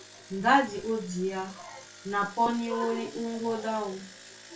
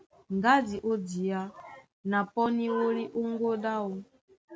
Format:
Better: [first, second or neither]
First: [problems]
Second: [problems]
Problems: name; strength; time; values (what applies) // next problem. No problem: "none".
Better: second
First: background sound (Engine); 19 dB below the speech // room echo; dies away in 0.3 s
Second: none